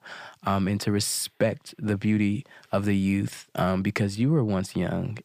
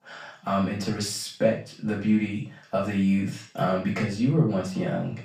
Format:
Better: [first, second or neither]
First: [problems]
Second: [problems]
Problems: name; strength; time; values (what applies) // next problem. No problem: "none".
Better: first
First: none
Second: room echo; noticeable; dies away in 0.3 s // off-mic speech; far